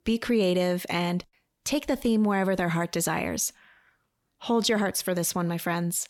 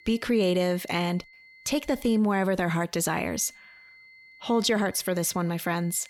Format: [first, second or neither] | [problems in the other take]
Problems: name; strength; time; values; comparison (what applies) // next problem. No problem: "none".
first | high-pitched whine; faint; until 2 s and from 3 s on; 2 kHz, 25 dB below the speech